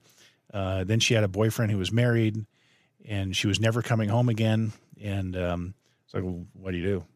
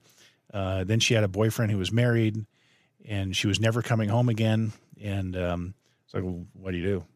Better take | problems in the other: neither | none

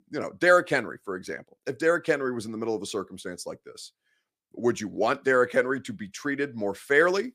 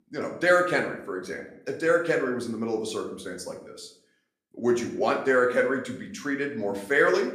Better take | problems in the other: first | room echo; slight; dies away in 0.5 s // off-mic speech; somewhat distant

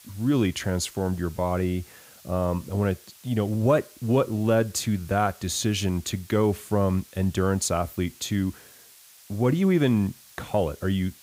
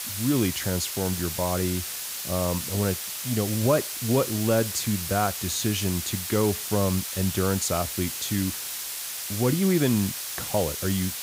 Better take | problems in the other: first | hiss; loud; throughout; 4 dB below the speech; faint in the first

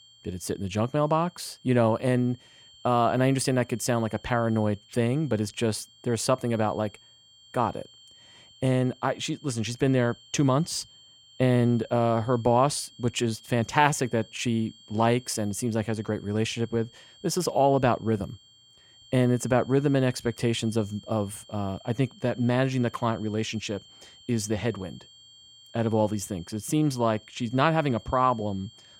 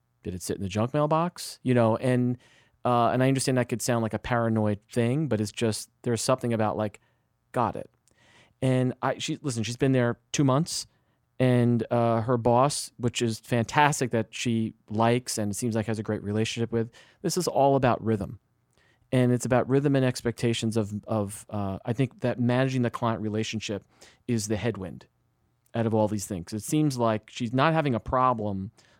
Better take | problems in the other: second | high-pitched whine; faint; throughout; 3 kHz, 25 dB below the speech

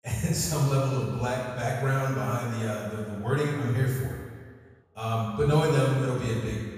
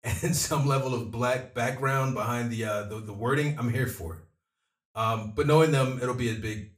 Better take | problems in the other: second | room echo; strong; dies away in 1.6 s; slight in the second // off-mic speech; far; somewhat distant in the second

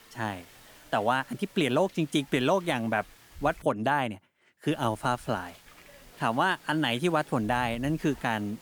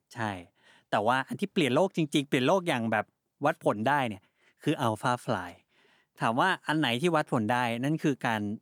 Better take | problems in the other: second | hiss; faint; until 3.5 s and from 4.5 s on; 25 dB below the speech

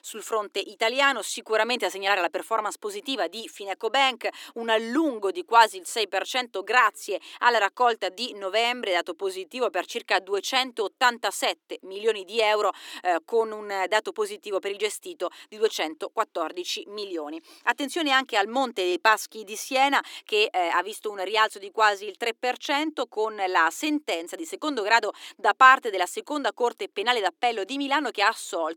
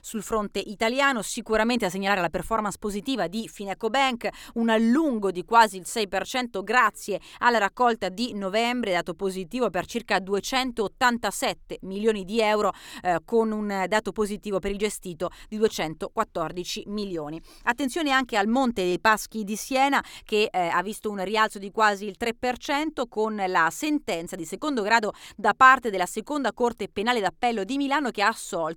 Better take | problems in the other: second | thin; somewhat; fading below 300 Hz

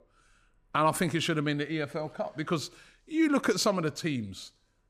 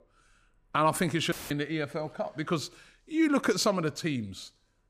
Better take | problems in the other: first | audio cutting out; filled with static; at 1.5 s

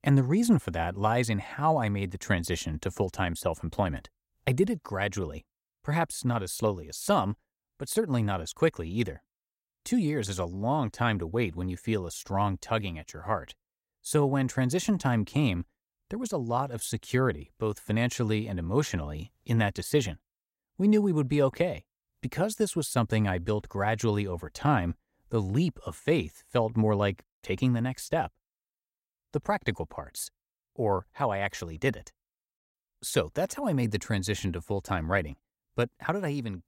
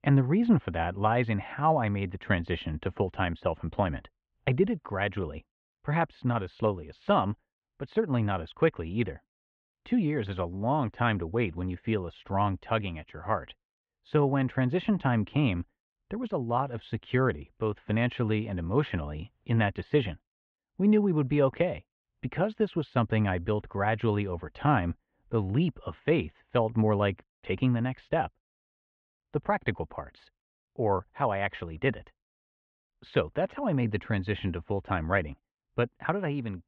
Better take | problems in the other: first | muffled; very; fading above 3 kHz

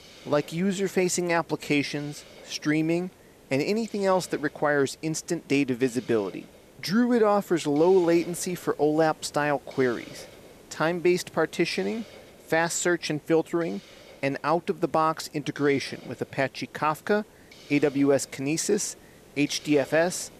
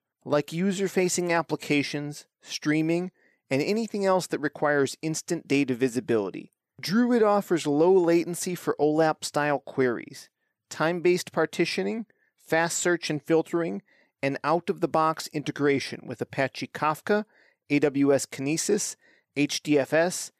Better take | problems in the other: second | hiss; faint; throughout; 25 dB below the speech

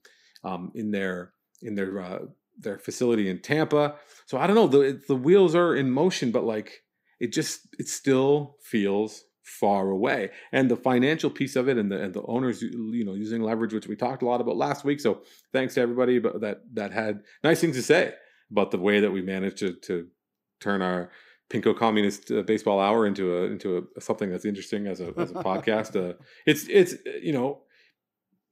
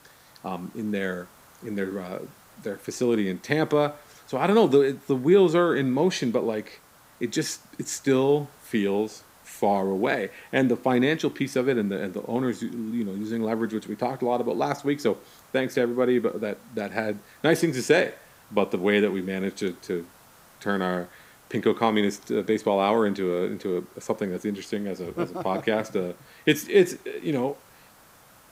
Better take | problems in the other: first | hiss; faint; throughout; 25 dB below the speech

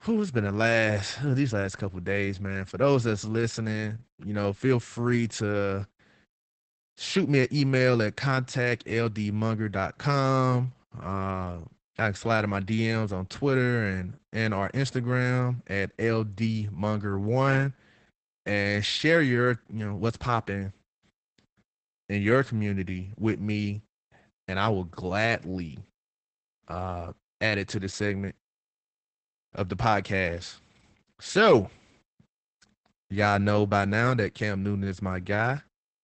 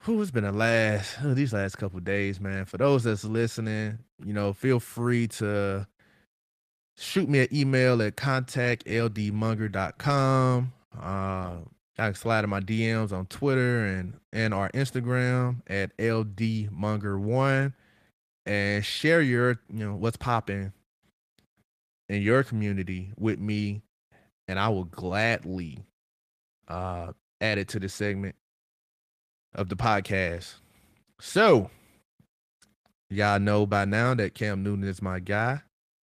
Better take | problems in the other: second | garbled, watery; badly; nothing above 8 kHz; slightly in the second

